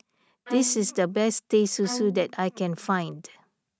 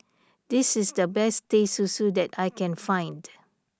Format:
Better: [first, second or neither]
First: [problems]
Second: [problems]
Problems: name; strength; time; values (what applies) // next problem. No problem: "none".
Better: second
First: noise reduction (neural mask model RNNoise)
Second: none